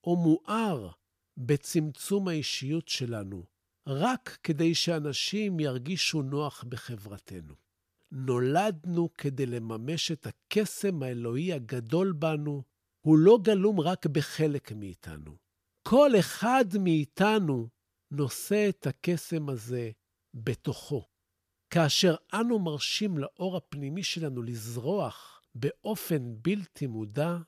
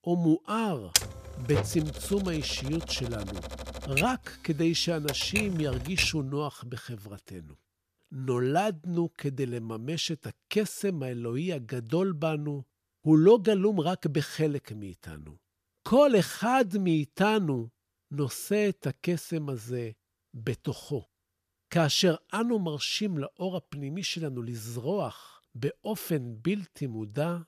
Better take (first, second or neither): first